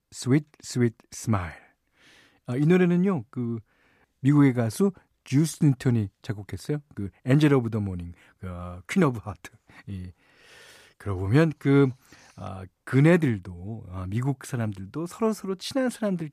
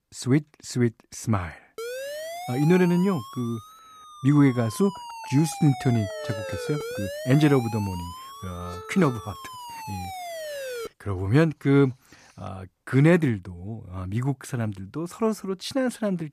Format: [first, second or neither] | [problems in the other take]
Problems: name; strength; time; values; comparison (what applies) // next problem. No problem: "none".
first | siren; noticeable; from 2 to 11 s; peak 8 dB below the speech